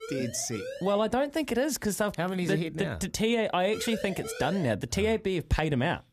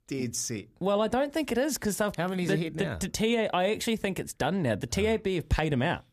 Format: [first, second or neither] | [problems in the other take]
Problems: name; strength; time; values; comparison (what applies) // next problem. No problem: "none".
second | siren; faint; until 1 s; peak 10 dB below the speech // siren; noticeable; from 3.5 to 4.5 s; peak 9 dB below the speech